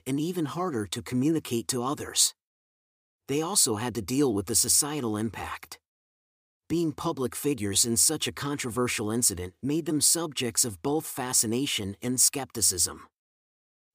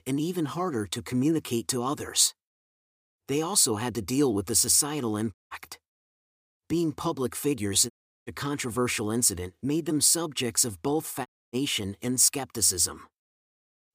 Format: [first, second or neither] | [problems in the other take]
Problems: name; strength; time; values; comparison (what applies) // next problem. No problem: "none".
first | audio cutting out; at 5.5 s, at 8 s and at 11 s